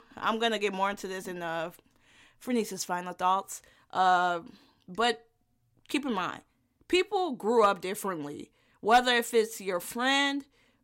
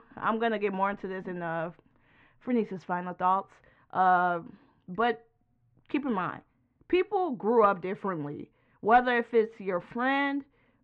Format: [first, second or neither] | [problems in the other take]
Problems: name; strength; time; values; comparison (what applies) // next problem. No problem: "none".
first | muffled; very; fading above 2 kHz